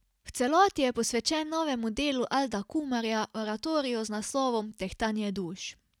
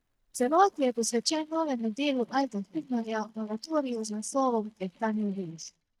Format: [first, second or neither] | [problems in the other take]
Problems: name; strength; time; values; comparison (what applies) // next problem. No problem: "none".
first | noise reduction (neural mask model DeepFilterNet 3)